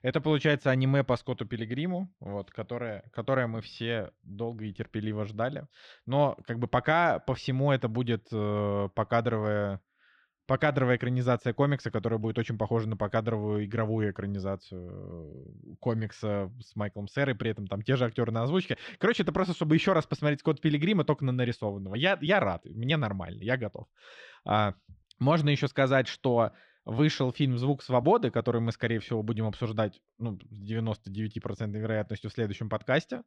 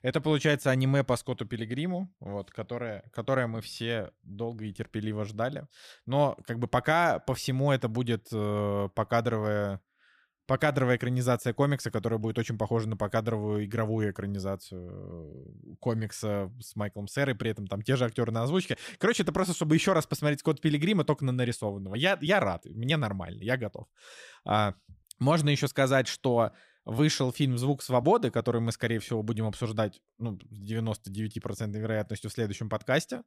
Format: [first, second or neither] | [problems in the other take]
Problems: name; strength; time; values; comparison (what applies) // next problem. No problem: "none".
second | muffled; very slightly; fading above 4 kHz